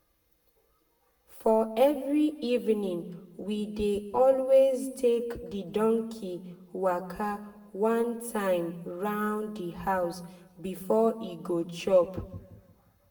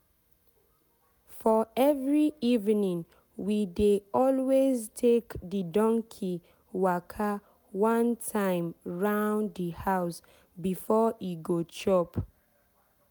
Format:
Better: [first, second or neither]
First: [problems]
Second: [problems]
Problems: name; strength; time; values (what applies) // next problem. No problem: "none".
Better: second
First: room echo; dies away in 0.9 s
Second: none